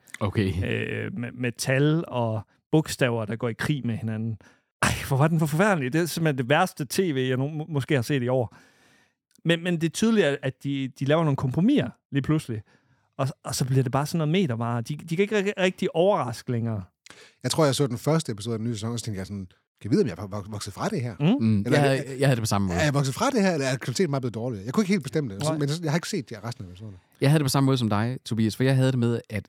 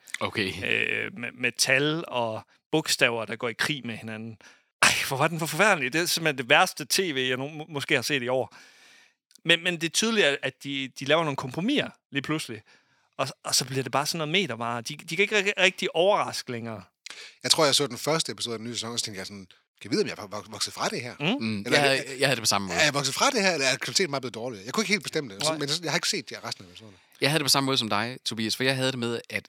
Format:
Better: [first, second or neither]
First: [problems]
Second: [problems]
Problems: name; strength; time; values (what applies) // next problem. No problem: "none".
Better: first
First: none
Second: thin; somewhat; fading below 650 Hz